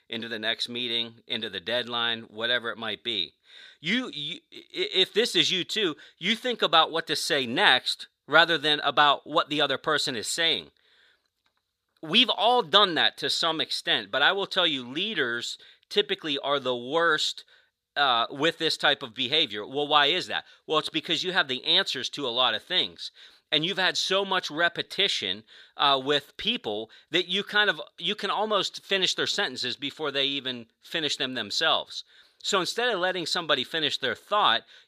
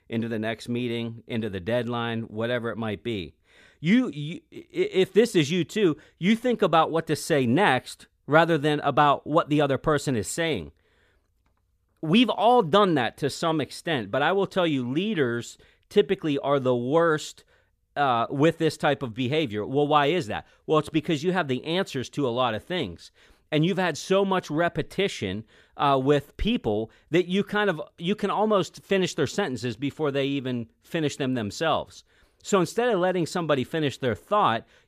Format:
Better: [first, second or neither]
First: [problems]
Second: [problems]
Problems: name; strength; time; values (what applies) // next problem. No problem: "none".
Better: second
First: thin; somewhat; fading below 1 kHz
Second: none